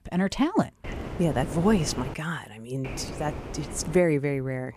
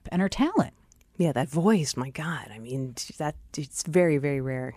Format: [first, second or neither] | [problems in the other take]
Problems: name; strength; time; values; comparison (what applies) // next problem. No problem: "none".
second | wind noise on the microphone; occasional gusts; from 1 to 2 s and from 3 to 4 s; 10 dB below the speech